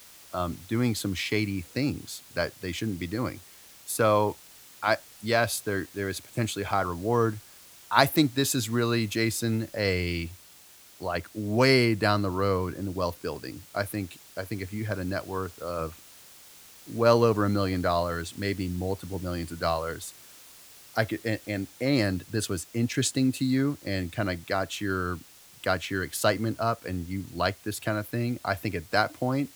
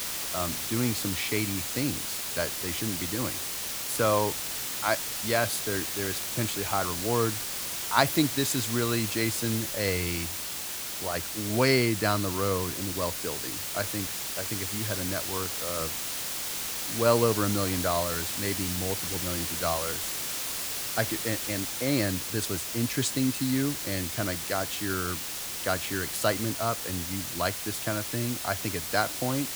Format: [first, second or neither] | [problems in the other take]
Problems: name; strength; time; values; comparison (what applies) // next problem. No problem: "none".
first | hiss; loud; throughout; 1 dB below the speech; faint in the first